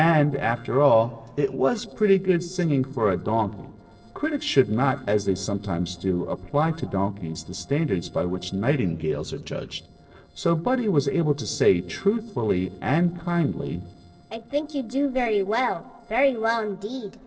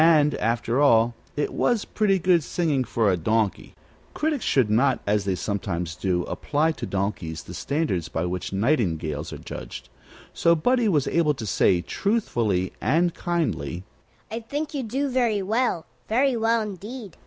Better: second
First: noise reduction (neural separator model SepFormer DNS4)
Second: none

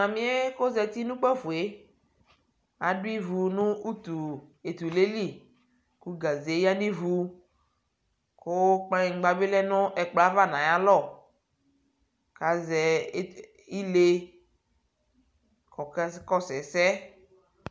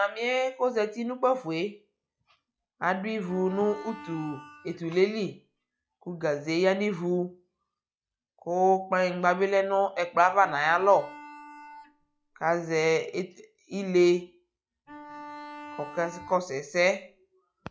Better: first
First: none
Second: noise reduction (classical method log-MMSE)

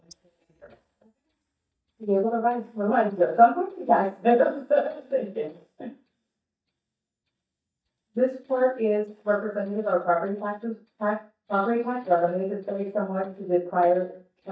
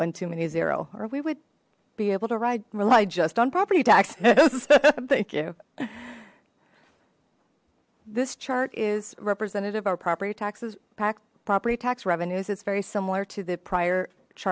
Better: second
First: noise reduction (neural mask model DeepFilterNet 3)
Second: none

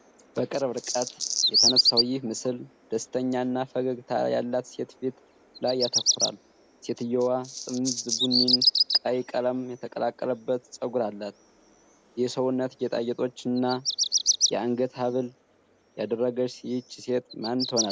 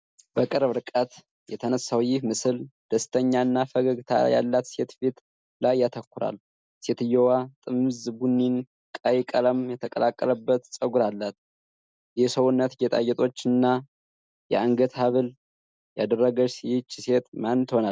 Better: second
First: background sound (Bird vocalization, bird call, bird song); 1 dB below the speech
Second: none

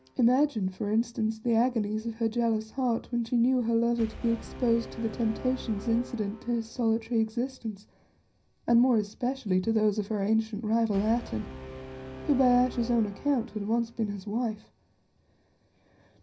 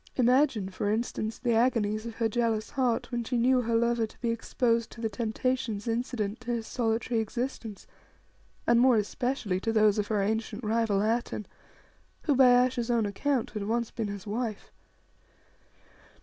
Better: second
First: background sound (Brass instrument); 18 dB below the speech // room echo; dies away in 0.4 s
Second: none

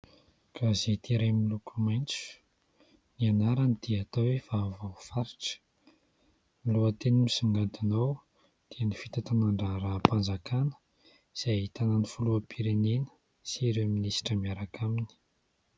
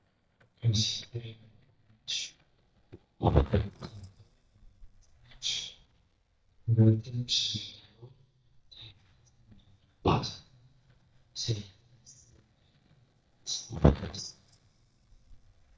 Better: first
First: none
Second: noise reduction (neural mask model DeepFilterNet 3)

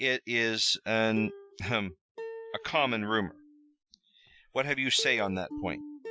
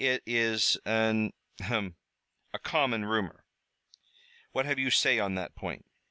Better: second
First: noise reduction (classical method Wiener filter)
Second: none

